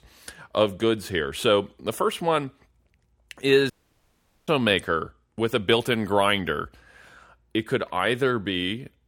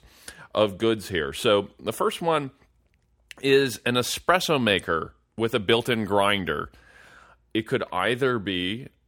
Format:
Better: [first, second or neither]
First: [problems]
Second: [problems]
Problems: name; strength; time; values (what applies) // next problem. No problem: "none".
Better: second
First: audio cutting out; at 3.5 s for 1 s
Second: none